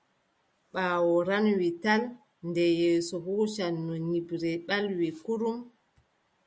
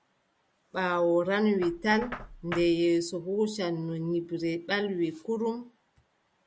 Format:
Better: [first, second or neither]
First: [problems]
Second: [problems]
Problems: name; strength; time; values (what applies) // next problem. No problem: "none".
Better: first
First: none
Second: background sound (Knock); 19 dB below the speech